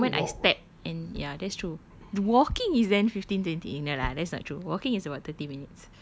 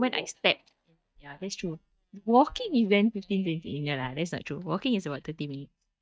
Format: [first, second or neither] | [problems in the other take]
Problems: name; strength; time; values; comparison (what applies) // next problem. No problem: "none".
first | noise reduction (neural mask model DeepFilterNet 3)